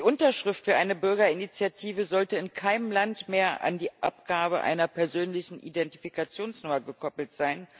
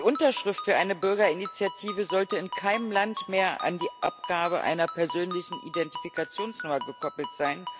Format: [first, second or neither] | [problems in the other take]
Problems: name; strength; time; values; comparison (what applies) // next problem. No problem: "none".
first | background sound (Ringtone); 11 dB below the speech